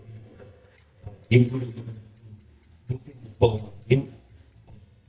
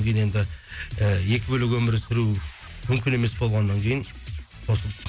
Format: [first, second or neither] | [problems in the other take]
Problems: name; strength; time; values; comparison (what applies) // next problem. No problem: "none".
second | noise reduction (neural mask model DeepFilterNet 3)